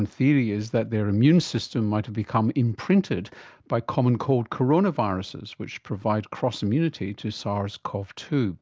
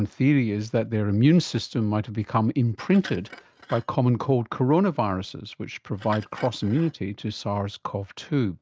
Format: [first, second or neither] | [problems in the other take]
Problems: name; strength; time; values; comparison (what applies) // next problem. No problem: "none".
first | noise reduction (neural mask model RNNoise)